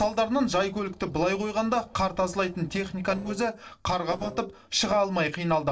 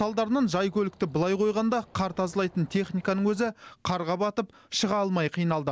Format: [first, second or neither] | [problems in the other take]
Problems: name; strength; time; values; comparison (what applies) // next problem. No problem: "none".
second | noise reduction (neural separator model SepFormer DNS4)